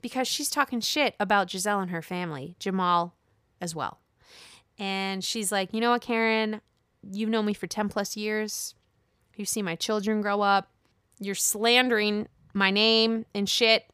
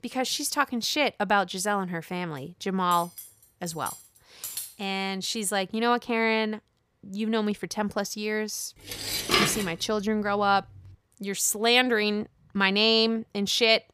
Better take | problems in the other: first | clattering dishes; noticeable; from 3 to 4.5 s; peak 8 dB below the speech // clattering dishes; loud; at 9 s; peak 3 dB above the speech

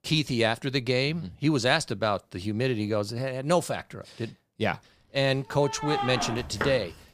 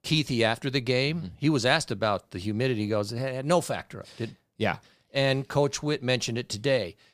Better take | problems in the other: second | household noises; loud; from 5 s on; 6 dB below the speech

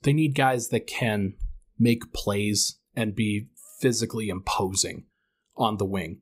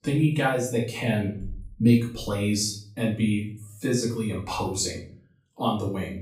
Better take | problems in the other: first | off-mic speech; far // room echo; slight; dies away in 0.4 s

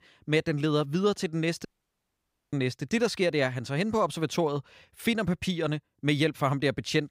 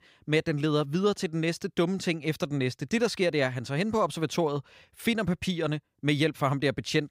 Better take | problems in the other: second | audio cutting out; at 1.5 s for 1 s

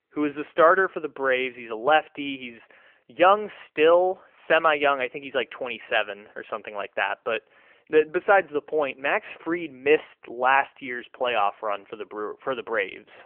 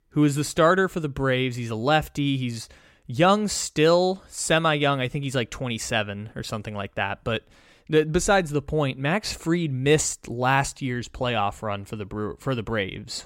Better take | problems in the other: second | phone-call audio; nothing above 3 kHz

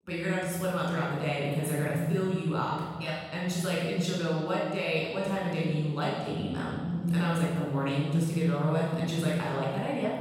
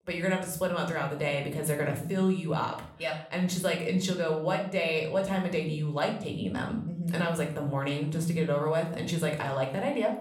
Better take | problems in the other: second | room echo; strong; dies away in 1.6 s; slight in the second // off-mic speech; far; somewhat distant in the second

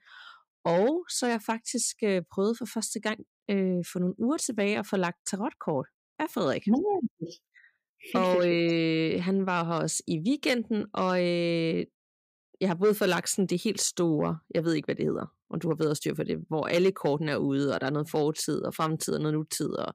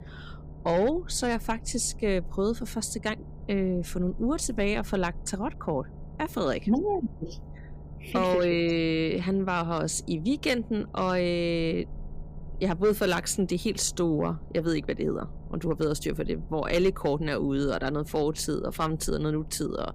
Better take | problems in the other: first | low rumble; faint; throughout; 25 dB below the speech

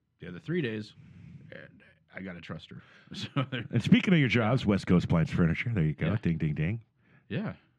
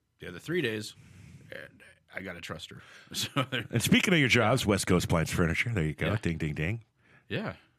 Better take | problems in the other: second | muffled; very slightly; fading above 4 kHz

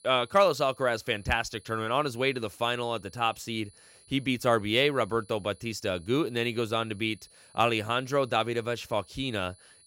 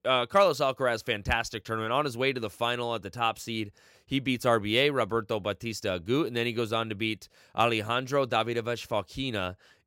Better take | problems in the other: second | high-pitched whine; faint; throughout; 10 kHz, 25 dB below the speech

